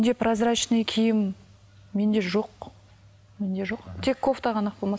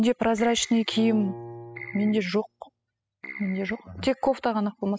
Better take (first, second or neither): first